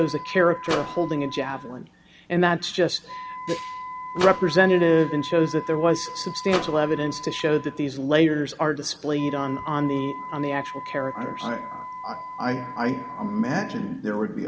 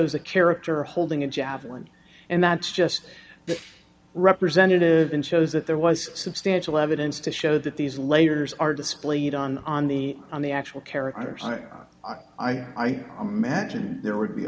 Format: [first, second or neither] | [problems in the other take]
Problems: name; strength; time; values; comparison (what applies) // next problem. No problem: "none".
second | background sound (Microwave oven + Wind instrument, woodwind instrument); 11 dB below the speech